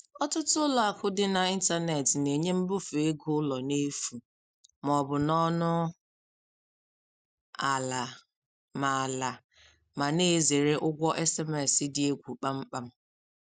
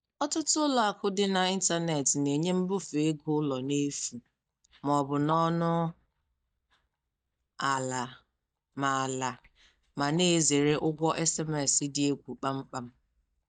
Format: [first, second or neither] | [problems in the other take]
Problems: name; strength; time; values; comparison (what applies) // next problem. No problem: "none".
first | noise reduction (neural mask model DeepFilterNet 3)